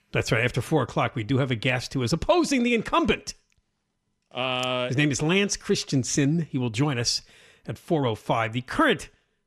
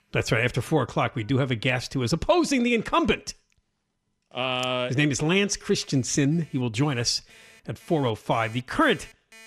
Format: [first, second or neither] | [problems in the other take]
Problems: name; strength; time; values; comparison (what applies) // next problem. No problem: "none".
first | alarms or sirens; faint; throughout; 30 dB below the speech